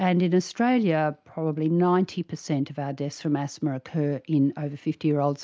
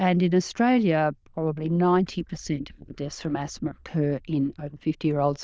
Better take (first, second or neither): first